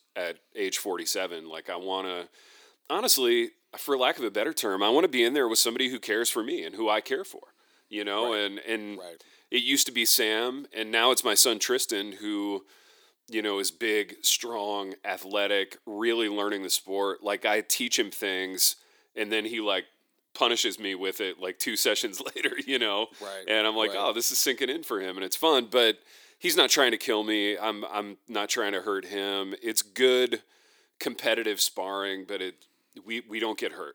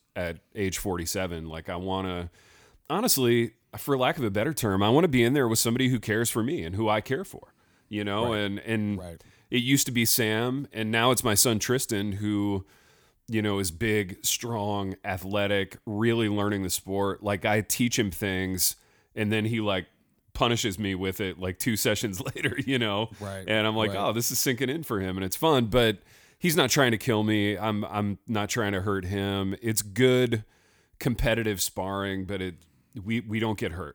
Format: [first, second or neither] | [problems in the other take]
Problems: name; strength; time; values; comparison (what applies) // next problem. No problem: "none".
second | thin; somewhat; fading below 350 Hz